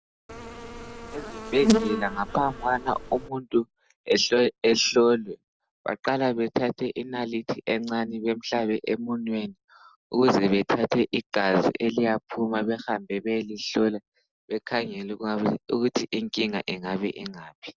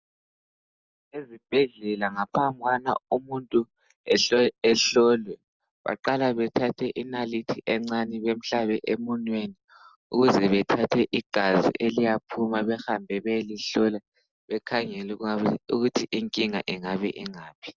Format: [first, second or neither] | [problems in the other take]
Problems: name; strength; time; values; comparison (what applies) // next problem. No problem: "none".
second | background sound (Insect); 3 dB below the speech